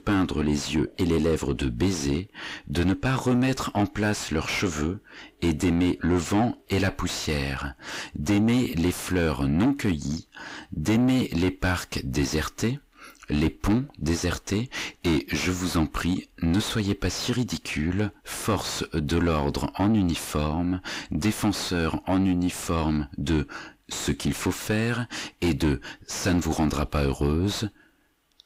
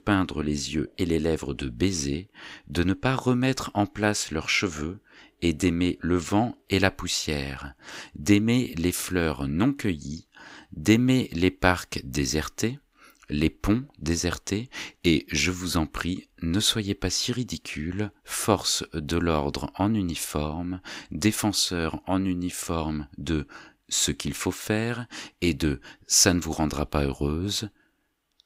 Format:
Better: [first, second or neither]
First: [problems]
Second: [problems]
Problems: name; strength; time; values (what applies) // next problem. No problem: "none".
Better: second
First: distortion; heavy; 5 dB below the speech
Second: none